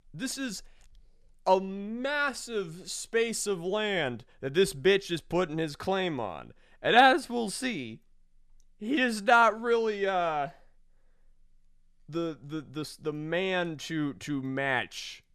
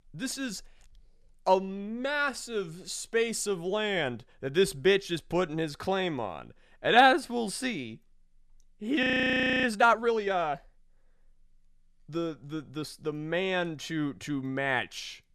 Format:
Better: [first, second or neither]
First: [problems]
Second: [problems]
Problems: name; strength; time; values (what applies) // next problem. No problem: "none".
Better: first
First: none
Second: audio freezing; at 9 s for 0.5 s